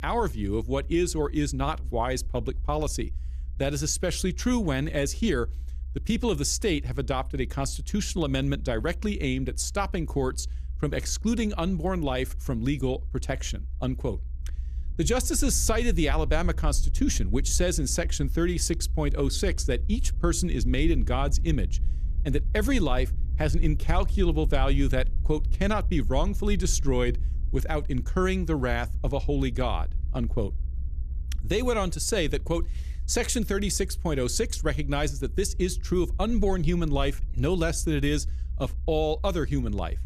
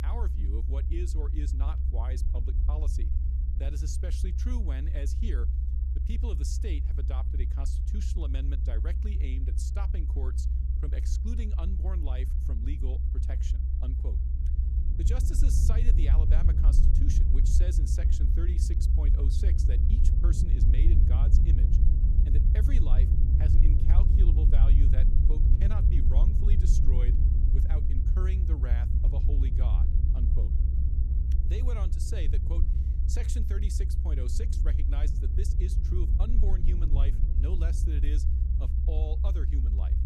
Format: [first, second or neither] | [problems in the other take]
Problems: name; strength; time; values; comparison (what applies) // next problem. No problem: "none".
first | low rumble; loud; throughout; as loud as the speech; faint in the first